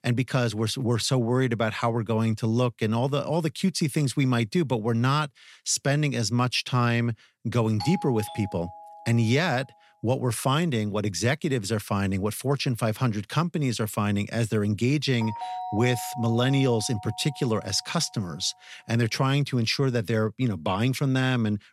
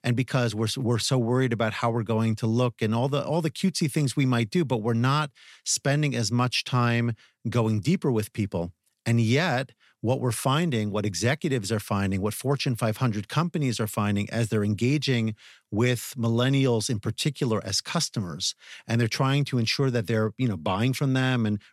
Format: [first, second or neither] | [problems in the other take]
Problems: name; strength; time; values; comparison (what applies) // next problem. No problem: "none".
second | doorbell; noticeable; from 8 to 9.5 s and from 15 to 18 s; peak 8 dB below the speech